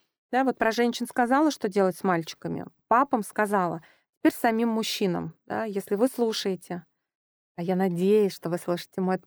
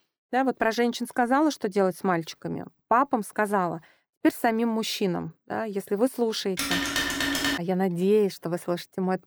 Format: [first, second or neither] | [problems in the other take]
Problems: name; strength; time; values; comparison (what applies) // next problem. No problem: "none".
first | phone ringing; loud; from 6.5 to 7.5 s; peak 1 dB above the speech